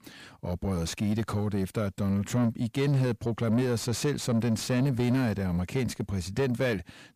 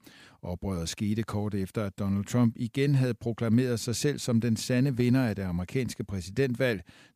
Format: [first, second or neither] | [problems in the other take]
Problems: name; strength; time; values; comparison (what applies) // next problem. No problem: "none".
second | distortion; slight; 10 dB below the speech